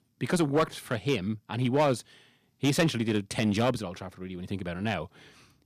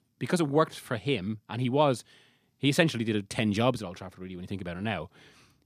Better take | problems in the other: second | distortion; slight; 3% of the sound clipped

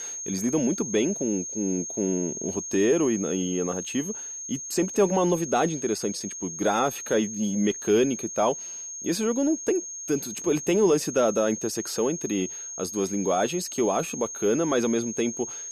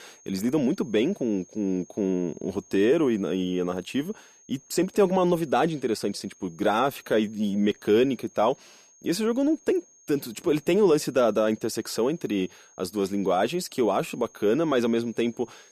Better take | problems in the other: second | high-pitched whine; loud; throughout; 6.5 kHz, 7 dB below the speech; faint in the second

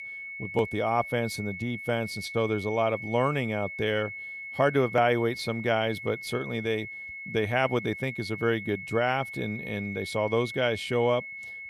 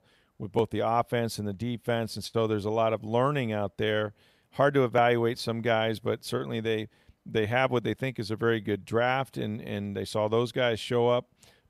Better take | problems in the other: second | high-pitched whine; loud; throughout; 2 kHz, 9 dB below the speech

